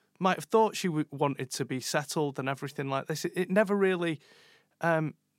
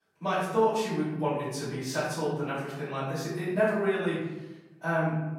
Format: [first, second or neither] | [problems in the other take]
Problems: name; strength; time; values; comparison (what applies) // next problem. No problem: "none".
first | off-mic speech; far // room echo; noticeable; dies away in 0.9 s